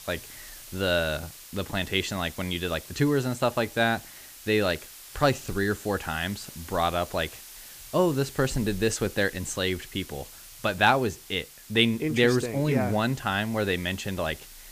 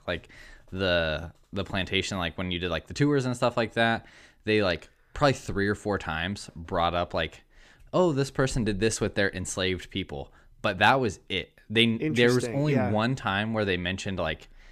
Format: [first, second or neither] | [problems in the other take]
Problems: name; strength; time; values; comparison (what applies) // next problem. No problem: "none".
second | hiss; noticeable; throughout; 15 dB below the speech